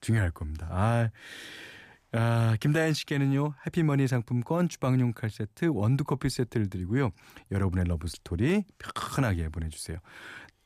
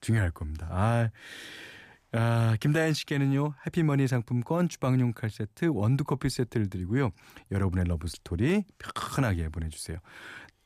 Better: neither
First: none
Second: none

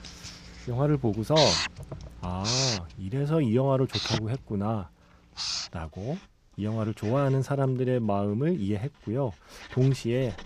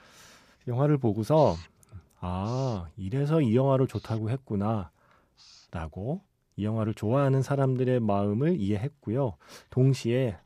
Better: second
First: household noises; loud; throughout; 2 dB below the speech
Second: household noises; faint; throughout; 25 dB below the speech

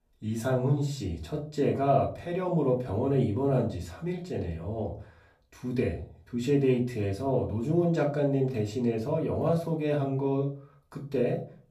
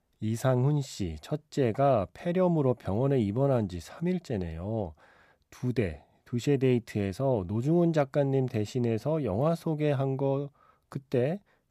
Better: second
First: off-mic speech; far // room echo; slight; dies away in 0.3 s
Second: none

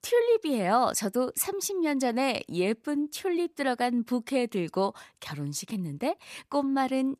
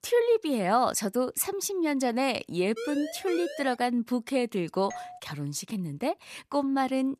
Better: first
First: none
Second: siren; noticeable; from 3 to 4 s; peak 8 dB below the speech // doorbell; faint; at 5 s; peak 15 dB below the speech

